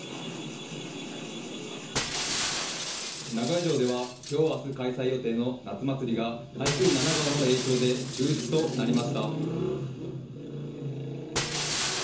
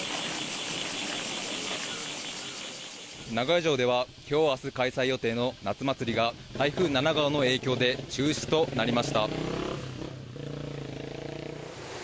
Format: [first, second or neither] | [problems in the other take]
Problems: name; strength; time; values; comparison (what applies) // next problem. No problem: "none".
second | background sound (Shatter); 6 dB below the speech // room echo; dies away in 0.6 s